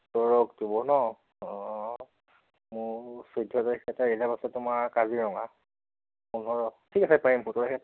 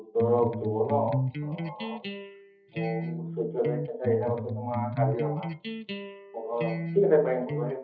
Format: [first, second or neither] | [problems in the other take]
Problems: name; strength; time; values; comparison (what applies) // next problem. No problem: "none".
first | noise reduction (classical method WPE with log-MMSE)